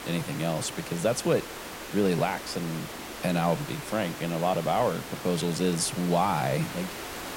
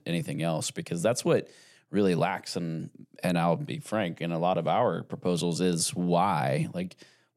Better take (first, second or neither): second